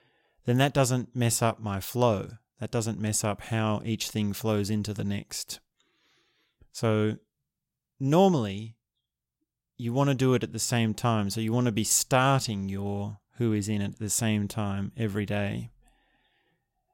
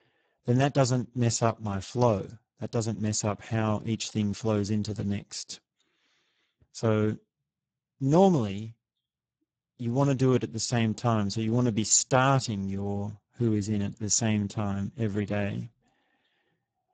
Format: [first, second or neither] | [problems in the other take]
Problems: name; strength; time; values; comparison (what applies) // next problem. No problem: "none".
first | garbled, watery; badly; nothing above 7.5 kHz